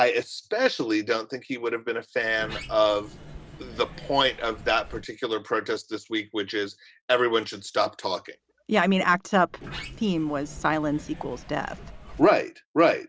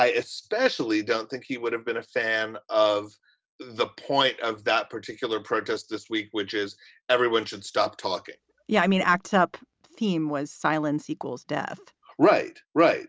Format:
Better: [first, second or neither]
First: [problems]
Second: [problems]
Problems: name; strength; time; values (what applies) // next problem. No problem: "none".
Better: second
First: background sound (Sliding door); 15 dB below the speech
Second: none